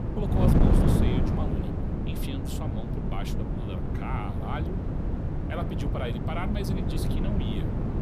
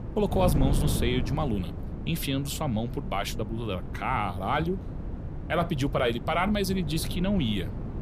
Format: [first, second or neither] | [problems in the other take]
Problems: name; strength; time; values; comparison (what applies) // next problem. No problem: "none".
second | wind noise on the microphone; heavy; 2 dB above the speech; occasional gusts in the second